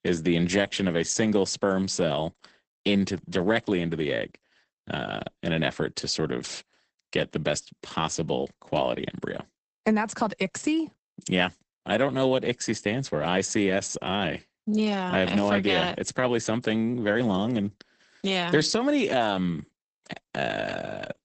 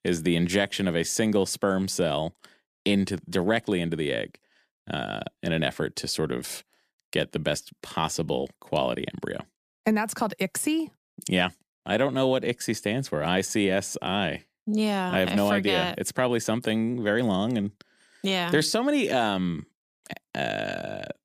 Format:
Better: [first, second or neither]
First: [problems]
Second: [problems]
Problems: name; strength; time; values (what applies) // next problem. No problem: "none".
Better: second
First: garbled, watery; badly; nothing above 8 kHz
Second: none